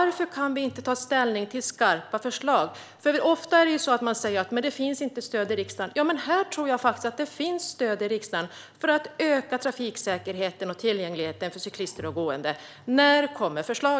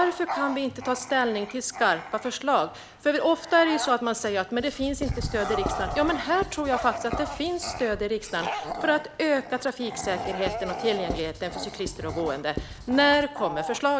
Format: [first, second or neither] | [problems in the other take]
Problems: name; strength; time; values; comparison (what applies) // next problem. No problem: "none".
first | background sound (Bark / Growling + Writing); 8 dB below the speech